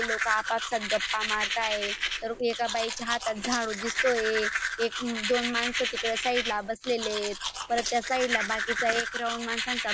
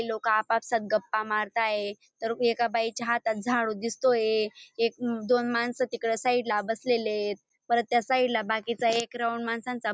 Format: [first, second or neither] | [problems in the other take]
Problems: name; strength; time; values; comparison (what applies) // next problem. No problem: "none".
second | background sound (Domestic sounds, home sounds); 2 dB below the speech